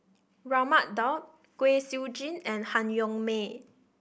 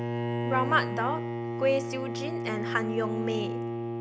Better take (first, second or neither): first